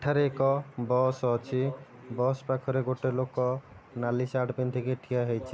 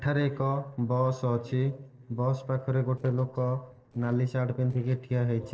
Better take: first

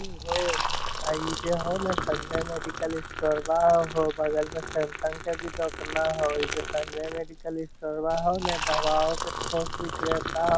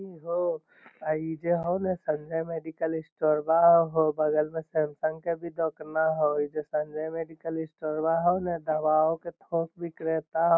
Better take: second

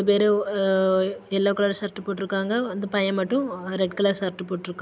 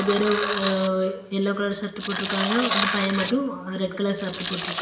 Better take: first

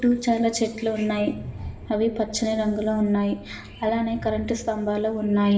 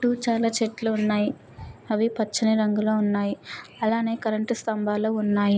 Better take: second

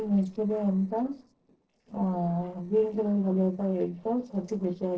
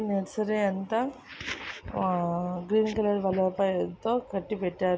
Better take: second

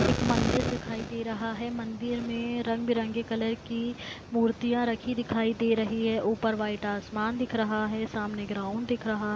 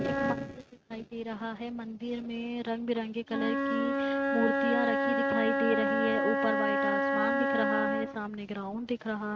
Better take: first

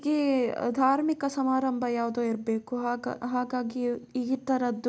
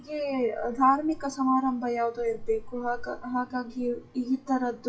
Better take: first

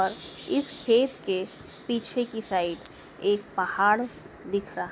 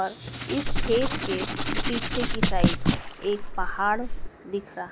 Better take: first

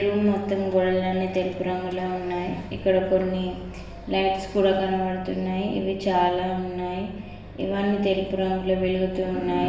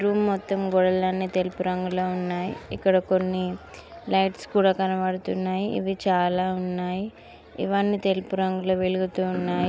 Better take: second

